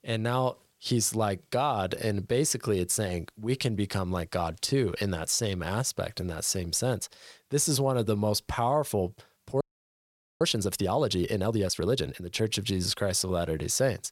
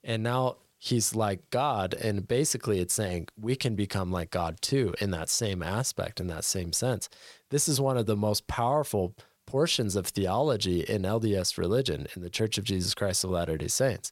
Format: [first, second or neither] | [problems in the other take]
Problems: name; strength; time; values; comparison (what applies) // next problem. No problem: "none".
second | audio freezing; at 9.5 s for 1 s